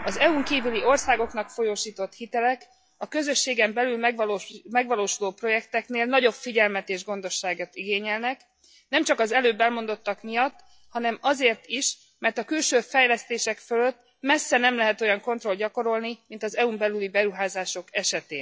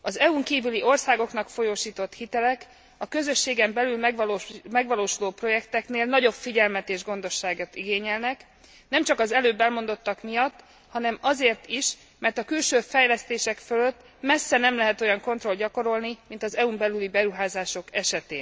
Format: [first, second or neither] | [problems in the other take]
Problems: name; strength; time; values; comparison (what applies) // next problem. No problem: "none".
second | noise reduction (classical method log-MMSE)